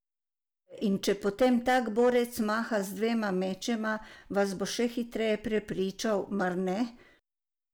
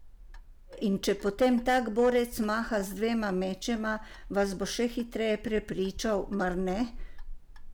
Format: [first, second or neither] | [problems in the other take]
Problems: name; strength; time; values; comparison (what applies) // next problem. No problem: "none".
first | background sound (Clock); 14 dB below the speech